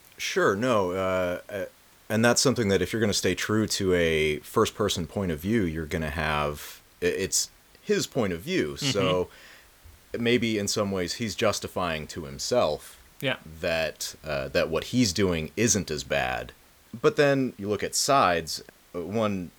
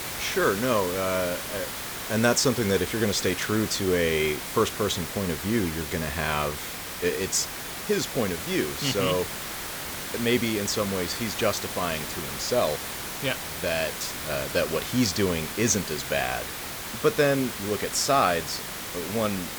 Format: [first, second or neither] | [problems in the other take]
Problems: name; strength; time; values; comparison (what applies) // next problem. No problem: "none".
first | hiss; loud; throughout; 6 dB below the speech; faint in the first